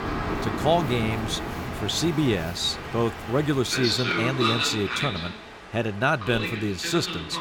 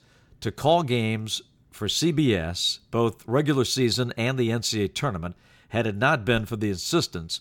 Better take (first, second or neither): second